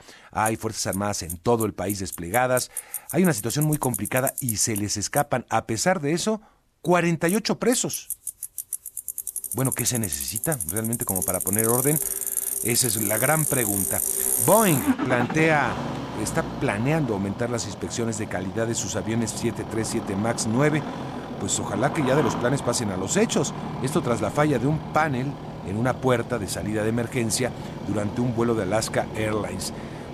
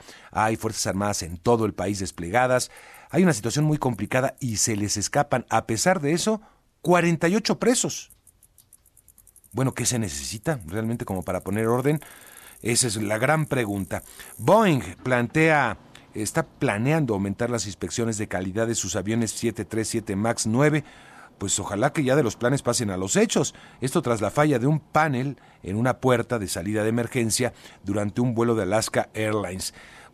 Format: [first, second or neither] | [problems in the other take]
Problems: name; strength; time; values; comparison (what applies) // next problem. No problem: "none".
second | traffic noise; loud; throughout; 4 dB below the speech; faint in the second